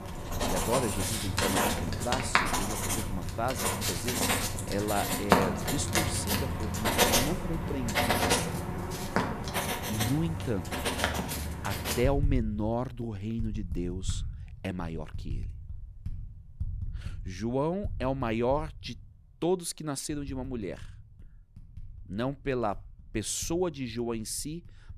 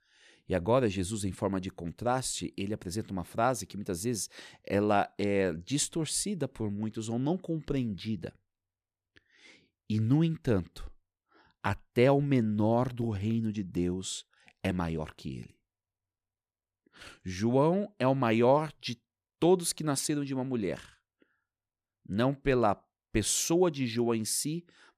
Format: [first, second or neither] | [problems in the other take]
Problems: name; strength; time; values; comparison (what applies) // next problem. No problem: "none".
second | household noises; very loud; throughout; 3 dB above the speech